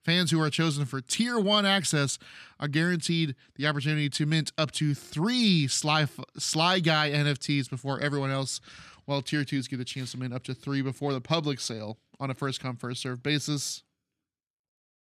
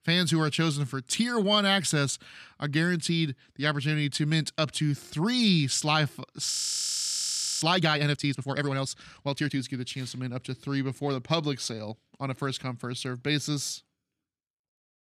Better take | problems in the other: first | audio freezing; at 6.5 s for 1 s

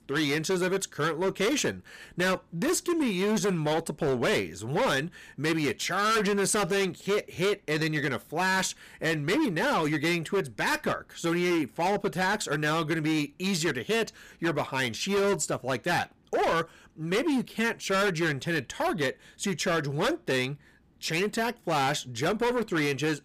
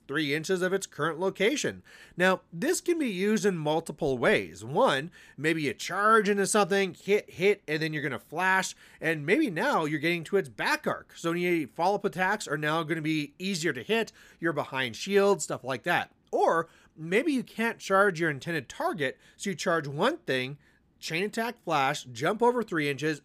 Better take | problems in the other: second | distortion; heavy; 18% of the sound clipped

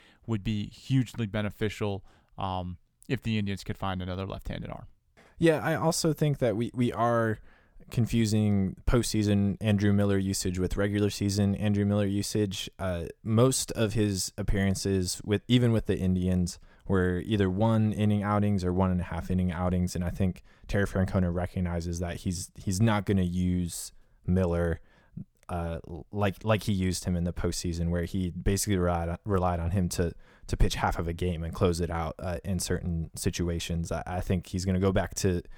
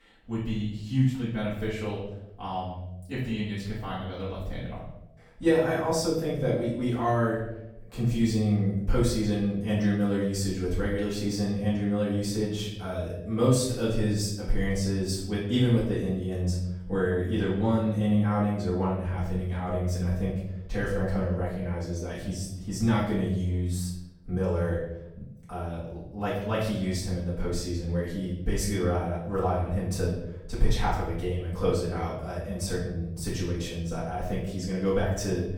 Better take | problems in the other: first | off-mic speech; far // room echo; noticeable; dies away in 0.7 s

